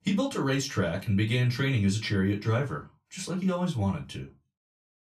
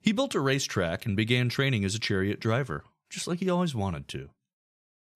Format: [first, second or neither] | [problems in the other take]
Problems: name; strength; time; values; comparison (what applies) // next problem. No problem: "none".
second | off-mic speech; far // room echo; very slight; dies away in 0.2 s